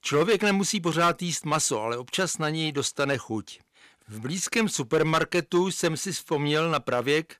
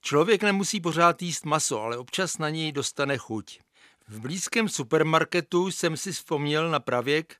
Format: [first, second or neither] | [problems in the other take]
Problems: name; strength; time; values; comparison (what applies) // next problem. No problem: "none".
second | distortion; slight; 3% of the sound clipped